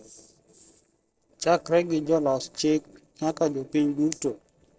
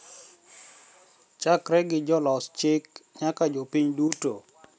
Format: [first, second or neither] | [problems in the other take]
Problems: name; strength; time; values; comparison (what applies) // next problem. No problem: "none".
second | noise reduction (neural separator model SepFormer DNS4)